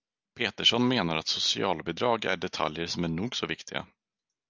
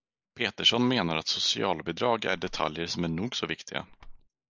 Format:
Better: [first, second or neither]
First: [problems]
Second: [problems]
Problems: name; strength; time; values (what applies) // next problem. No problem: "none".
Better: first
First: none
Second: noise reduction (neural mask model Resemble Enhance denoiser)